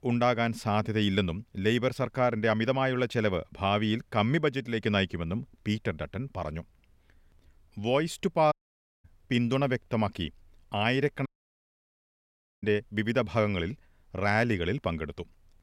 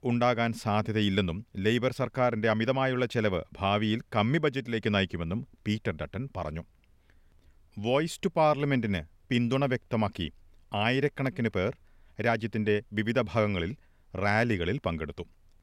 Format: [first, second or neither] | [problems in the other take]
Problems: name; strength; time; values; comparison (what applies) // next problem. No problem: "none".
second | audio cutting out; at 8.5 s for 0.5 s and at 11 s for 1.5 s